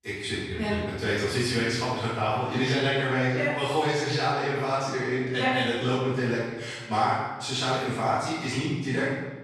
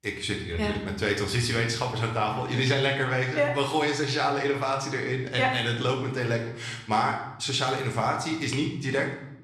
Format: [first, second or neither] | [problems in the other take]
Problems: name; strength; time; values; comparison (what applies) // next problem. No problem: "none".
second | room echo; strong; dies away in 1.1 s; slight in the second // off-mic speech; far; somewhat distant in the second